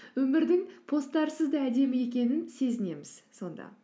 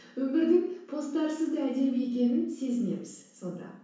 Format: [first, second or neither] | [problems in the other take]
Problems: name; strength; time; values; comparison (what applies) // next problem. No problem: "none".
first | room echo; dies away in 0.7 s